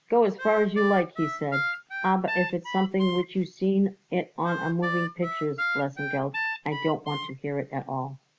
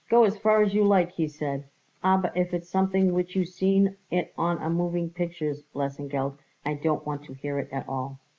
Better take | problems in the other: second | background sound (Harmonica); 6 dB below the speech

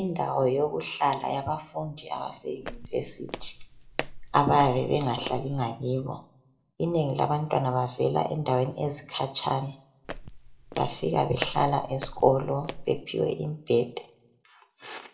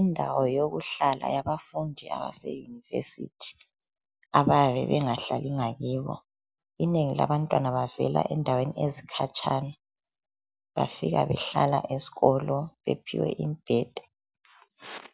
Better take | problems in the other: second | background sound (Walk, footsteps); 10 dB below the speech // room echo; dies away in 0.4 s

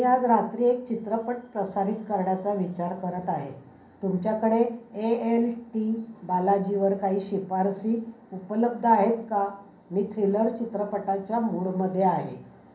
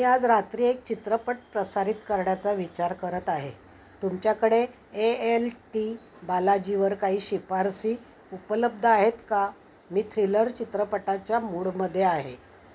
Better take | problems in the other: second | room echo; dies away in 0.6 s

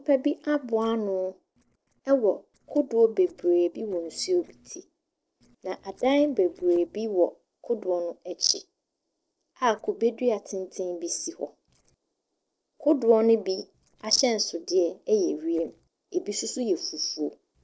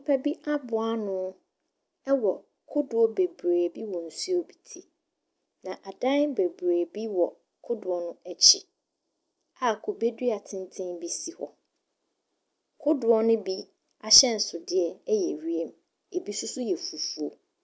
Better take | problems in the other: second | noise reduction (neural separator model SepFormer DNS4)

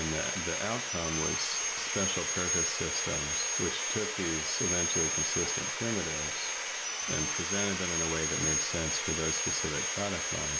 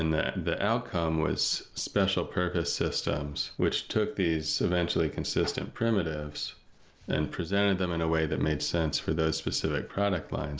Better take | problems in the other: second | background sound (Sawing); 4 dB above the speech

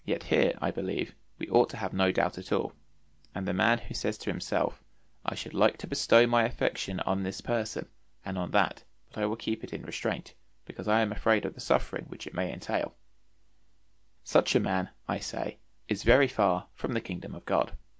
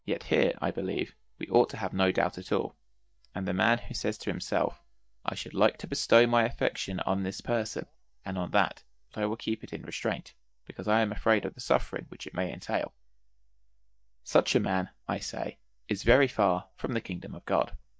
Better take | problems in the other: first | noise reduction (neural mask model DeepFilterNet 3)

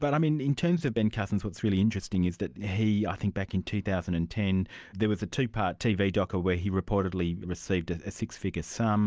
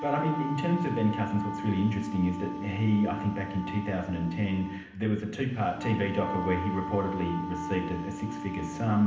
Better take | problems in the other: first | background sound (Wind instrument, woodwind instrument); 8 dB below the speech // room echo; dies away in 0.8 s

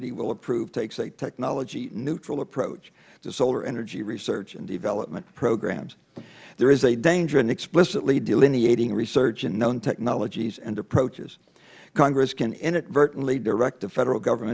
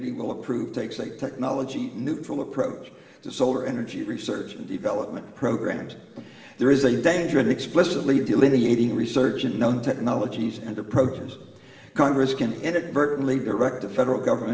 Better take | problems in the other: first | room echo; dies away in 2.9 s

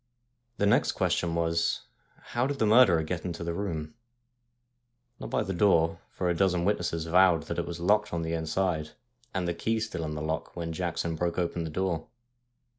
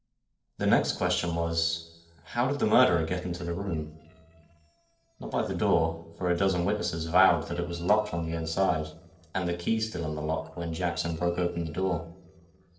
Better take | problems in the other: first | noise reduction (neural separator model SepFormer DNS4)

